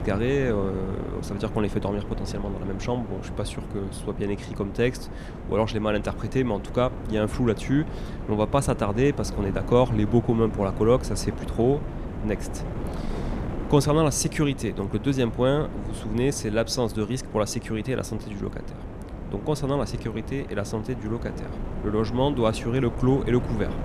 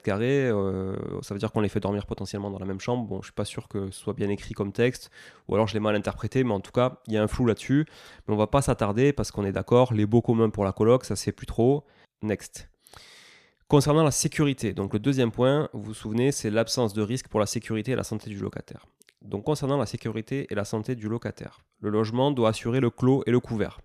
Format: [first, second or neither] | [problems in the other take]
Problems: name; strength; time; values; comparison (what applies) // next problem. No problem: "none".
second | wind noise on the microphone; occasional gusts; 10 dB below the speech